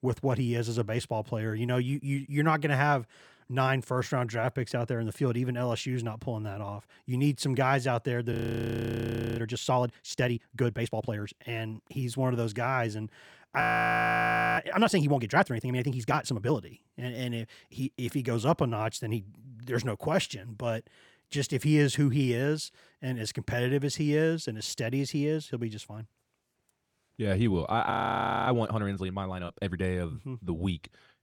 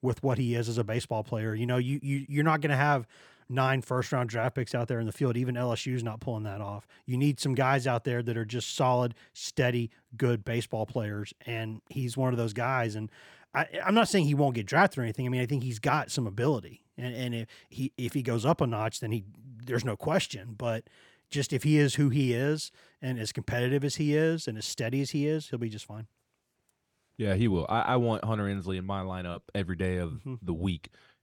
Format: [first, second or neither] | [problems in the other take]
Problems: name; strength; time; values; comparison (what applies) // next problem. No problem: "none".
second | audio freezing; at 8.5 s for 1 s, at 14 s for 1 s and at 28 s for 0.5 s